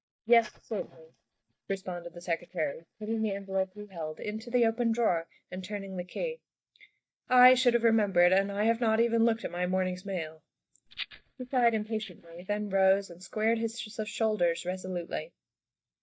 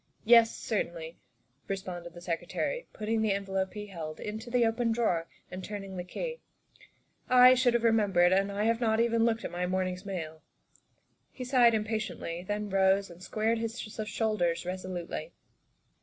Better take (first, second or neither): second